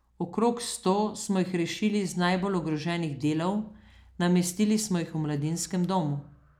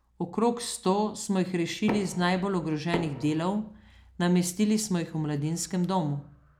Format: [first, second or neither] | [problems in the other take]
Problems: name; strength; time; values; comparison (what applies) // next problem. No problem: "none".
first | background sound (Knock); 9 dB below the speech